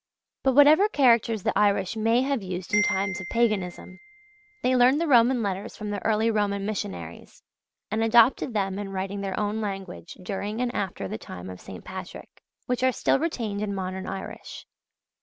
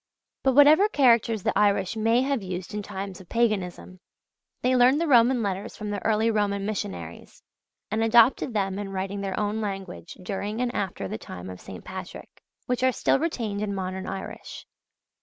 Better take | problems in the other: second | background sound (Marimba, xylophone); 10 dB below the speech

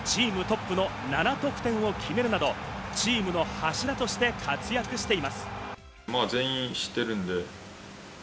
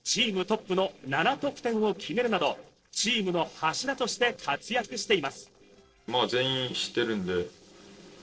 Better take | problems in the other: first | noise reduction (neural separator model SepFormer DNS4)

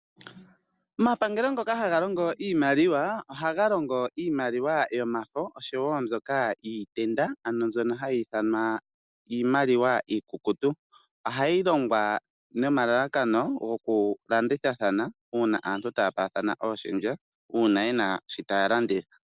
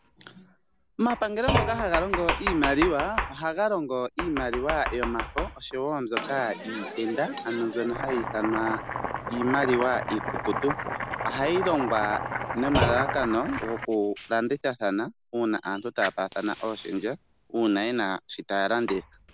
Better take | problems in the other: first | background sound (Domestic sounds, home sounds + Thump, thud); 5 dB below the speech

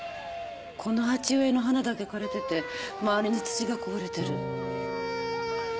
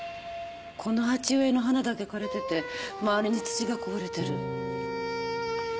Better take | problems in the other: second | background sound (Cheering); 17 dB below the speech

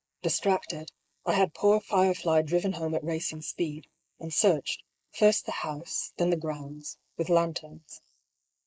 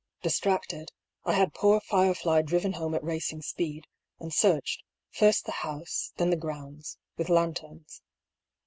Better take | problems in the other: second | noise reduction (neural mask model Resemble Enhance denoiser)

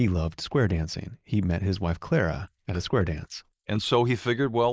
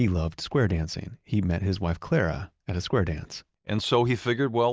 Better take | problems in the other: second | noise reduction (neural mask model Resemble Enhance denoiser)

